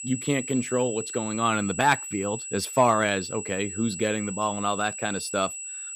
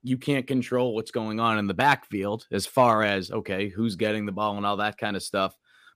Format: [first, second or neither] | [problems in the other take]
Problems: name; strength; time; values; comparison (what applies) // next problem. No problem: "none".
second | high-pitched whine; loud; throughout; 8 kHz, 7 dB below the speech